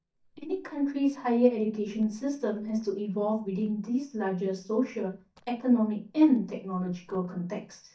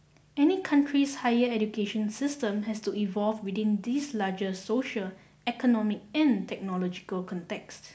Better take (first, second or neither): second